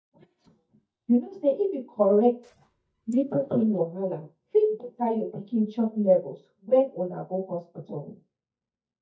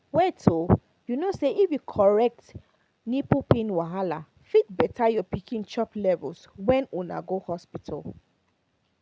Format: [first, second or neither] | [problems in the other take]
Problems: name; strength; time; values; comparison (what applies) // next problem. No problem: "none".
second | noise reduction (neural mask model DeepFilterNet 3)